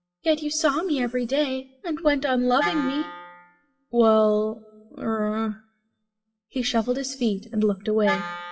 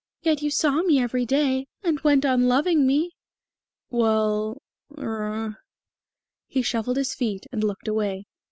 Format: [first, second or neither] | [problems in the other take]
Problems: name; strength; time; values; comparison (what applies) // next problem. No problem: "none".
second | noise reduction (classical method WPE with log-MMSE)